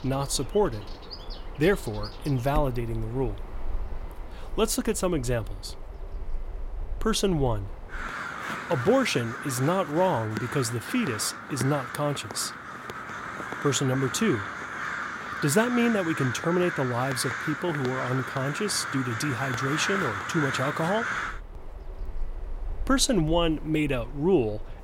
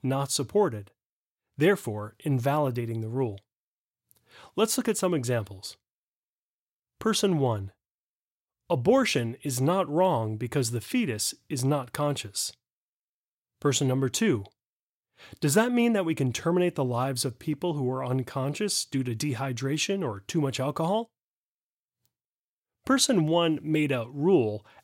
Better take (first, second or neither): second